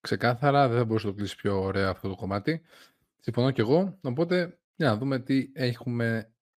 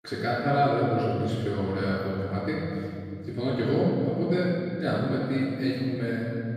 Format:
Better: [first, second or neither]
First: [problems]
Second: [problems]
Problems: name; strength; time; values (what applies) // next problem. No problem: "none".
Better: first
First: none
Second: off-mic speech; far // room echo; strong; dies away in 2.4 s